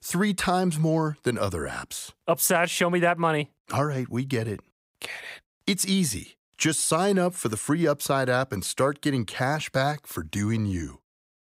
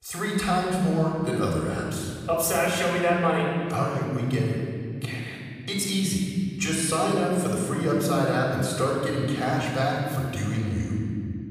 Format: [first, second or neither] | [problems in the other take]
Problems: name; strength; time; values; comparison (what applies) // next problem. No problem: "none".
first | room echo; noticeable; dies away in 3 s // off-mic speech; somewhat distant